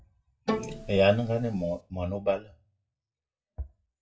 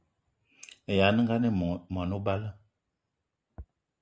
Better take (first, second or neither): second